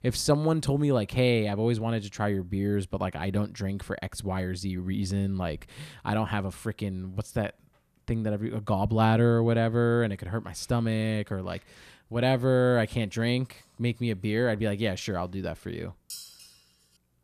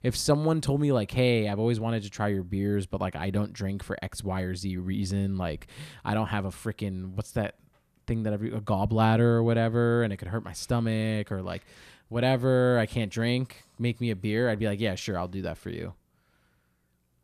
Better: second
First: clattering dishes; faint; at 16 s; peak 10 dB below the speech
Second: none

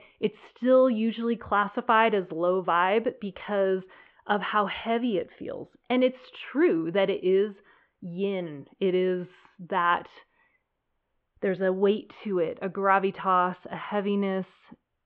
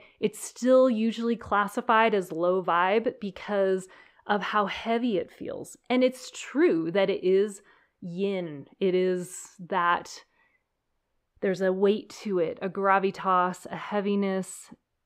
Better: second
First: muffled; very; fading above 3.5 kHz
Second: none

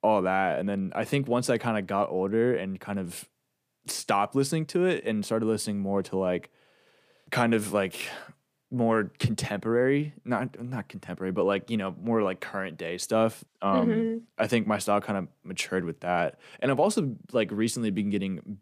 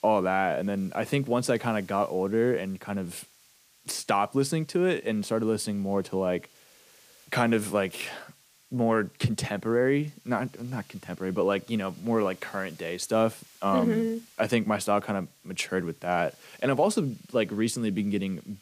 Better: first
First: none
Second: hiss; faint; throughout; 25 dB below the speech

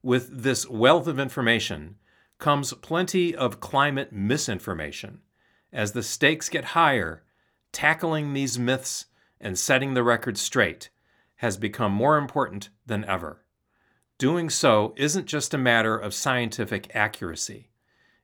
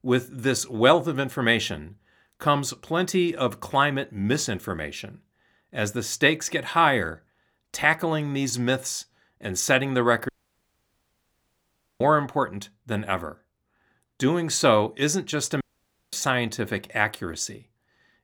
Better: first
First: none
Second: audio cutting out; at 10 s for 1.5 s and at 16 s for 0.5 s

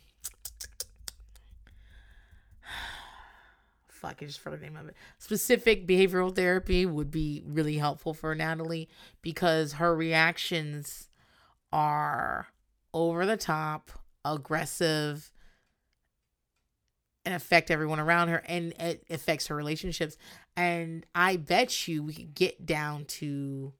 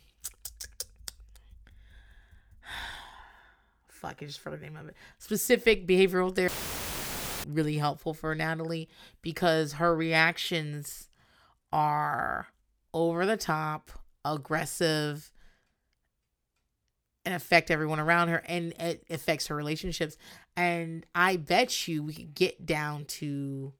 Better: first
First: none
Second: audio cutting out; filled with static; at 6.5 s for 1 s

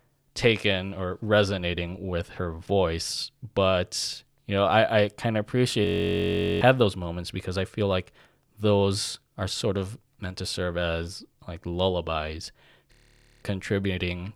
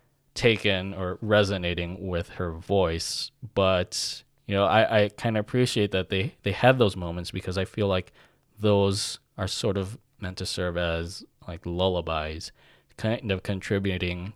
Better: second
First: audio freezing; at 6 s for 1 s and at 13 s for 0.5 s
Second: none

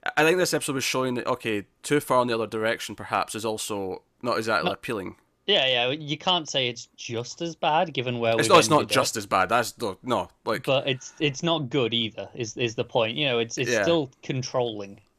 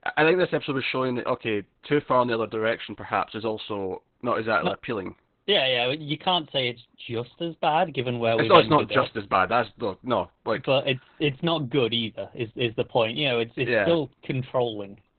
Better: first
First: none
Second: garbled, watery; badly; nothing above 4 kHz

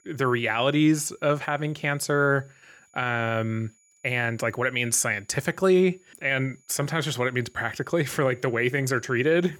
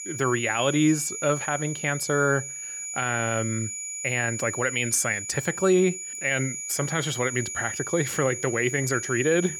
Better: first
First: high-pitched whine; faint; throughout; 7 kHz, 35 dB below the speech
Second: high-pitched whine; loud; throughout; 7 kHz, 6 dB below the speech

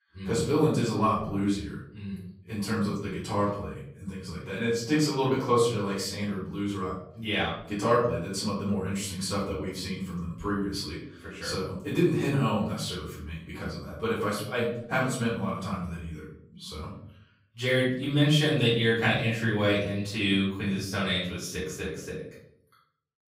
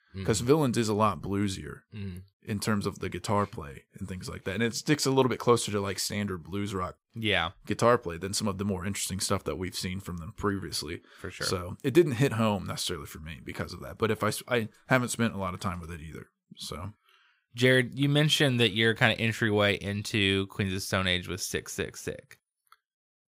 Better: second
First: off-mic speech; far // room echo; noticeable; dies away in 0.6 s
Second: none

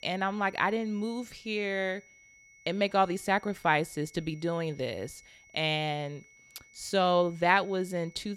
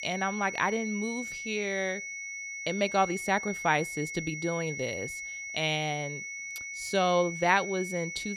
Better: first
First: high-pitched whine; faint; throughout; 2 kHz, 25 dB below the speech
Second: high-pitched whine; loud; throughout; 2 kHz, 6 dB below the speech

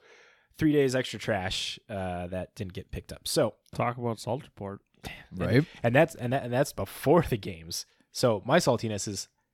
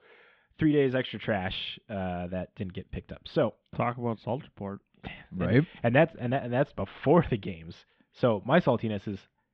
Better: first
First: none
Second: muffled; very; fading above 3.5 kHz

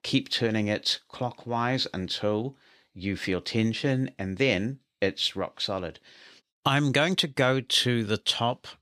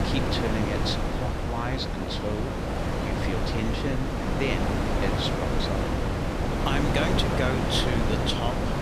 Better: first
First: none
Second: wind noise on the microphone; heavy; 1 dB above the speech

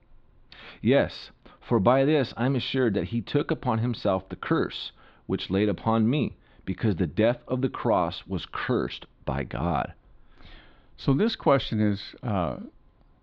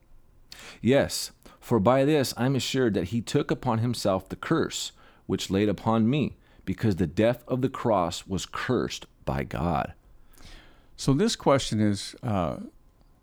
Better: second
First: muffled; slightly; fading above 4 kHz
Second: none

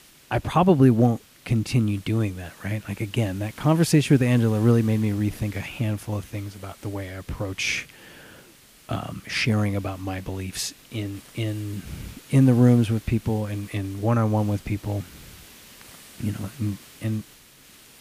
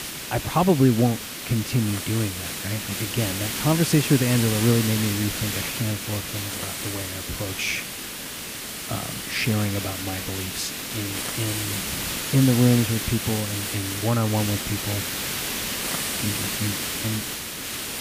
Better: first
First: hiss; faint; throughout; 25 dB below the speech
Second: hiss; loud; throughout; 3 dB below the speech

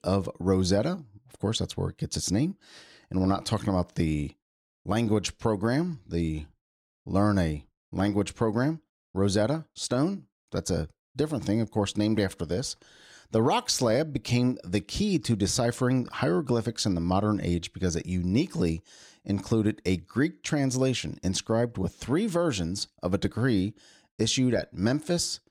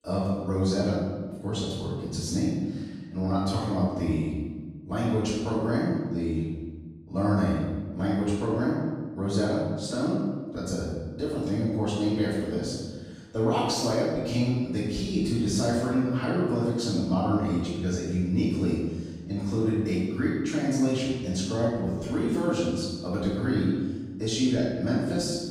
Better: first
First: none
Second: room echo; strong; dies away in 1.3 s // off-mic speech; far

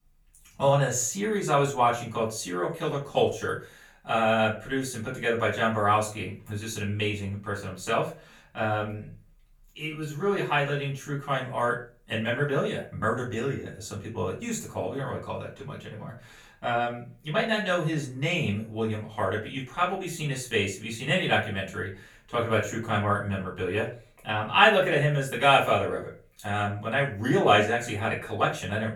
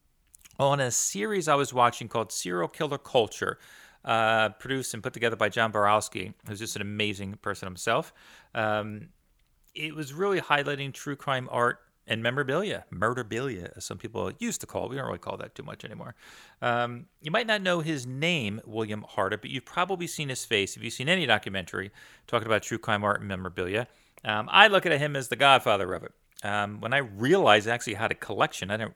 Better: second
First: off-mic speech; far // room echo; slight; dies away in 0.3 s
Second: none

